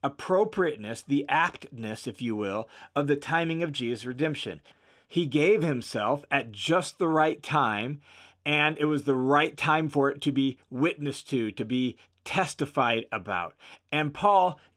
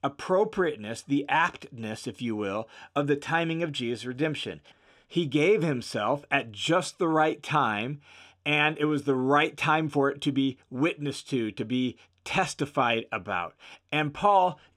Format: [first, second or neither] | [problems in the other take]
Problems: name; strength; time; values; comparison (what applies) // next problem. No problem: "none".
second | garbled, watery; slightly; nothing above 16 kHz